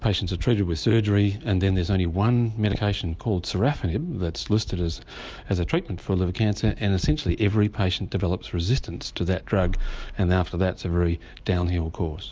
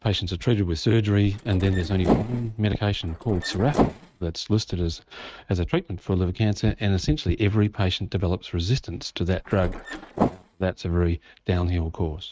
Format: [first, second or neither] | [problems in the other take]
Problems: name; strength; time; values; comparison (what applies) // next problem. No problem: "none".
first | noise reduction (neural mask model RNNoise)